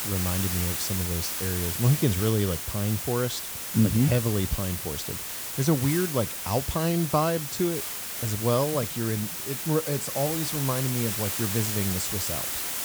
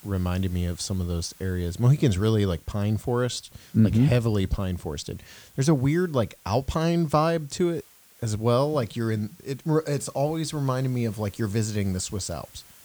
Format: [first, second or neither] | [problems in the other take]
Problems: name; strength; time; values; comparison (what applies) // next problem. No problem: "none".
second | hiss; loud; throughout; 1 dB below the speech; faint in the second